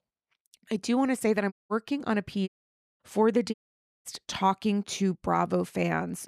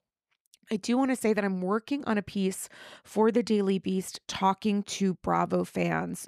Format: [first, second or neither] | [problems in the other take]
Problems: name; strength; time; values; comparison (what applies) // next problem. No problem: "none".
second | audio cutting out; at 1.5 s, at 2.5 s for 0.5 s and at 3.5 s for 0.5 s